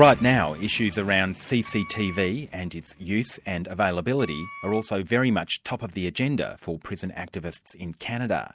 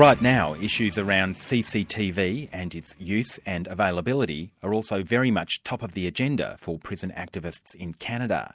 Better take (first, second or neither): second